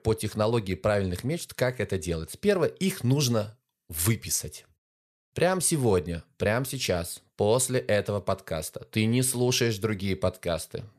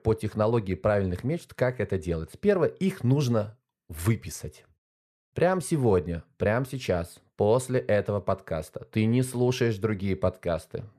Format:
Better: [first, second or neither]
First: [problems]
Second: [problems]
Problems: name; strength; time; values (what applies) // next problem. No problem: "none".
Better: first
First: none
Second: muffled; slightly; fading above 2.5 kHz